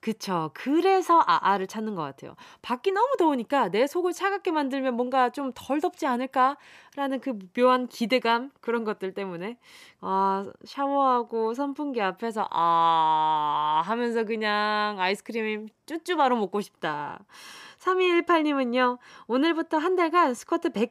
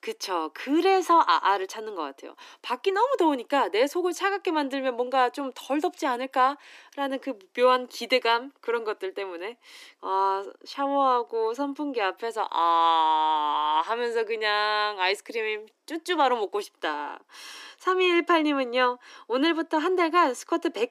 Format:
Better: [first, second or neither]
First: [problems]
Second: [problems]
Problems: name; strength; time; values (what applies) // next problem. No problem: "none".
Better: first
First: none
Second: thin; very slightly; fading below 300 Hz